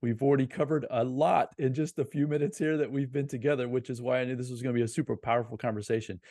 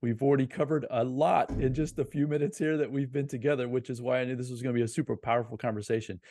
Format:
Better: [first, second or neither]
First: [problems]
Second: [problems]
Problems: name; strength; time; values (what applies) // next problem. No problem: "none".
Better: first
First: none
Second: door banging; noticeable; at 1.5 s; peak 8 dB below the speech